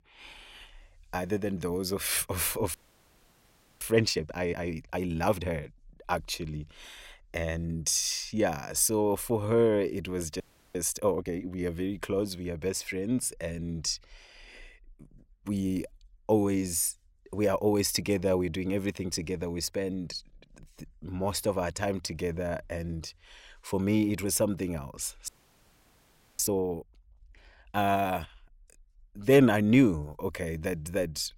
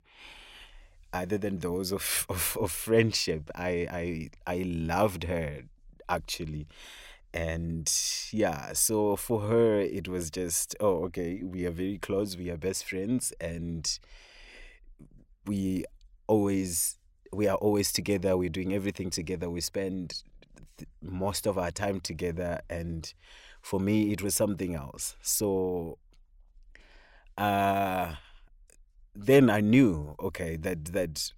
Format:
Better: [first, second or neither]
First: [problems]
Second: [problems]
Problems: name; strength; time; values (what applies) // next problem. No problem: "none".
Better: second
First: audio freezing; at 2.5 s for 1 s, at 10 s and at 25 s for 1 s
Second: none